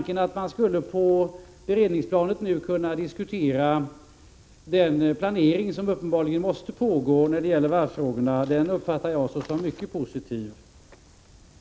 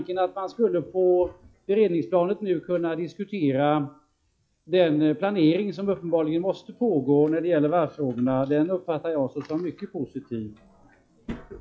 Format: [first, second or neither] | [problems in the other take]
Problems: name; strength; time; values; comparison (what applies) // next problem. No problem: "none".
first | noise reduction (classical method log-MMSE)